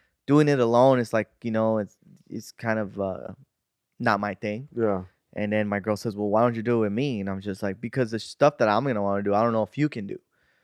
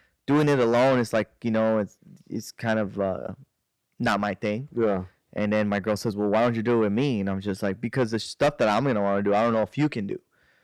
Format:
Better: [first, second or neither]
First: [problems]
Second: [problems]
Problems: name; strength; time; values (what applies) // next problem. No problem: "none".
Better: first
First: none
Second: distortion; heavy; 8 dB below the speech